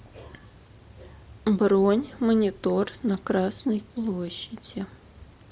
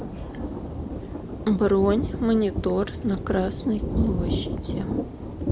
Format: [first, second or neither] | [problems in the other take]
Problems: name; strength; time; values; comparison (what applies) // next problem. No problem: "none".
first | background sound (Thunder); 3 dB below the speech